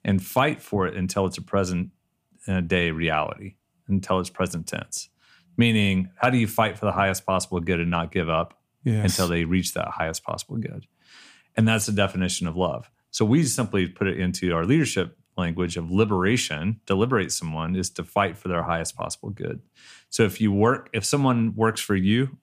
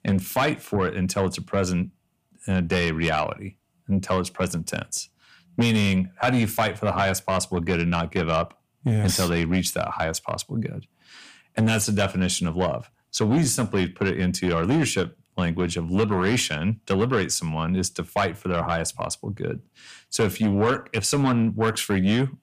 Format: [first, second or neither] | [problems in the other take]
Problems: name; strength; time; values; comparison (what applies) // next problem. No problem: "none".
first | distortion; slight; 10 dB below the speech